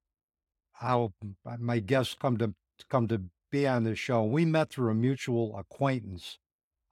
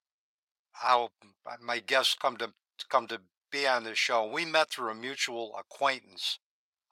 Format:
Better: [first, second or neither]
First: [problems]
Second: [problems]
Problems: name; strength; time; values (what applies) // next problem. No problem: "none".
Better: first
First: none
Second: thin; very; fading below 950 Hz